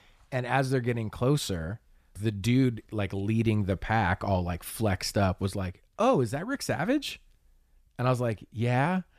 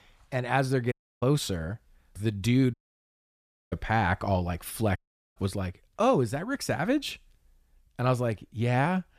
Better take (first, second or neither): first